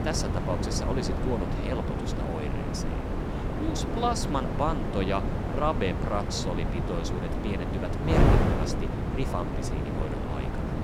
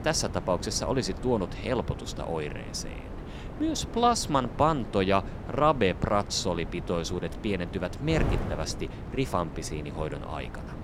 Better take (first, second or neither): second